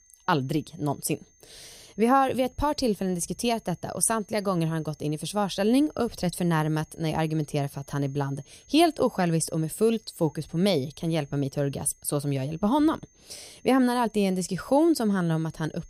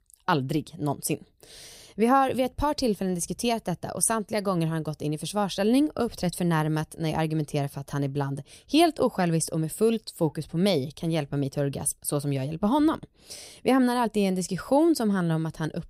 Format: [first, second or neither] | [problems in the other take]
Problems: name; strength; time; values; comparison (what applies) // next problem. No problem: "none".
second | high-pitched whine; faint; throughout; 6.5 kHz, 30 dB below the speech